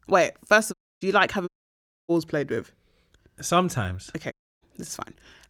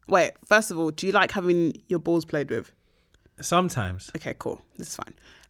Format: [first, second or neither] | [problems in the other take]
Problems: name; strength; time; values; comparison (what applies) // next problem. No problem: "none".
second | audio cutting out; at 0.5 s, at 1.5 s for 0.5 s and at 4.5 s